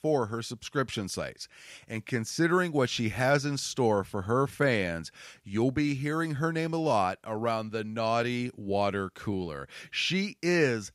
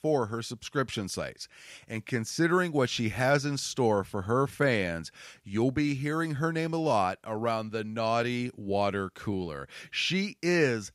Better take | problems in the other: neither | none

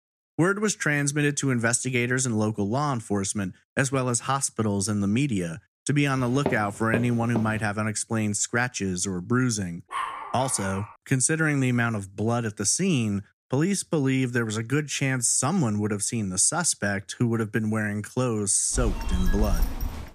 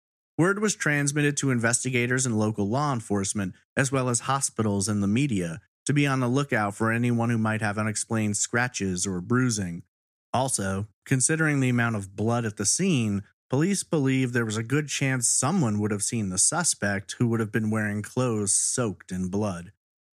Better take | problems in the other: second | footsteps; noticeable; from 6 to 7.5 s; peak 7 dB below the speech // dog barking; noticeable; from 10 to 11 s; peak 6 dB below the speech // phone ringing; noticeable; from 19 s on; peak 3 dB below the speech

